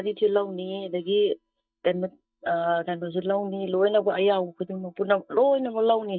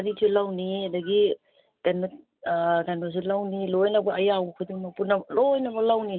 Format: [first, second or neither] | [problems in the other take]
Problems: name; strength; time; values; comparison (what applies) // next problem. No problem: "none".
second | noise reduction (neural mask model DeepFilterNet 3)